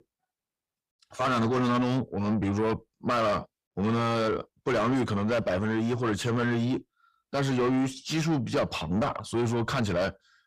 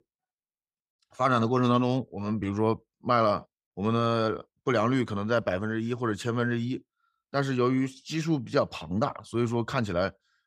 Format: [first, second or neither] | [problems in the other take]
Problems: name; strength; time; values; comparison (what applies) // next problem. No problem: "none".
second | distortion; heavy; 6 dB below the speech